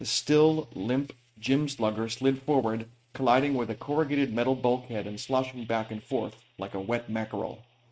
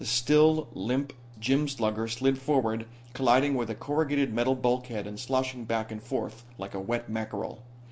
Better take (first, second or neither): second